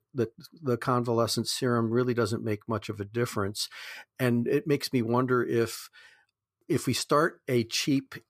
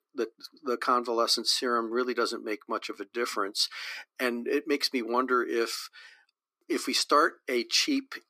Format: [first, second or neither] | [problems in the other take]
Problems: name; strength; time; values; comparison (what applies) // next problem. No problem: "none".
first | thin; somewhat; fading below 250 Hz